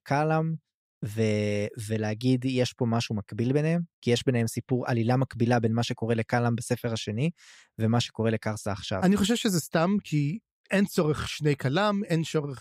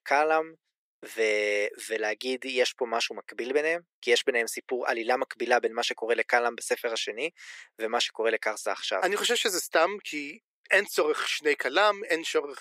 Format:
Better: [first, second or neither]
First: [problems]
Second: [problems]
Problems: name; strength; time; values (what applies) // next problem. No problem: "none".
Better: first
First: none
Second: thin; very; fading below 350 Hz